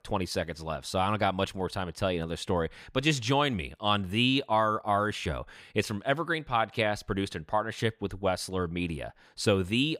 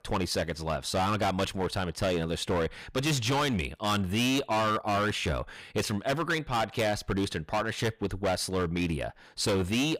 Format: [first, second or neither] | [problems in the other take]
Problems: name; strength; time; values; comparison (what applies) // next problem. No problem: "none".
first | distortion; heavy; 16% of the sound clipped